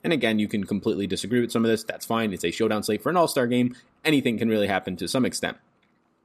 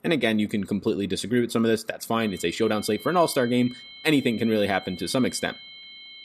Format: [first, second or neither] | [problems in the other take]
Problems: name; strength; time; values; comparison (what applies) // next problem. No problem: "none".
first | high-pitched whine; noticeable; from 2 s on; 3 kHz, 15 dB below the speech